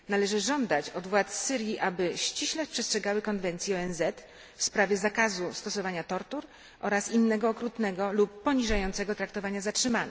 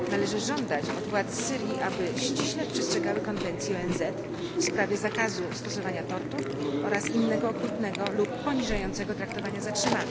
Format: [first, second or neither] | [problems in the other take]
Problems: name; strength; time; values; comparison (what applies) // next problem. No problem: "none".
first | background sound (Chewing, mastication); 1 dB below the speech